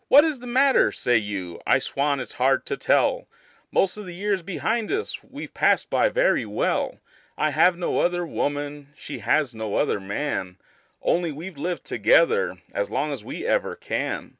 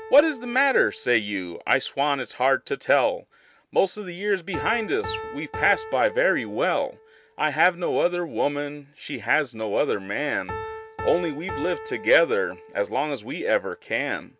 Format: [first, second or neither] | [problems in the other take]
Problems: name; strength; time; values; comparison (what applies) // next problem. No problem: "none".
first | background sound (Piano); 15 dB below the speech